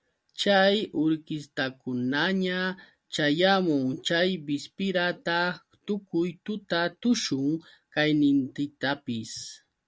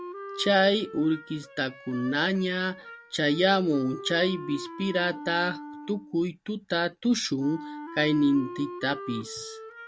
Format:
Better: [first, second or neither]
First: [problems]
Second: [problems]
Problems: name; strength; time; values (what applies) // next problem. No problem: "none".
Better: first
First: none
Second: background sound (Wind instrument, woodwind instrument); 14 dB below the speech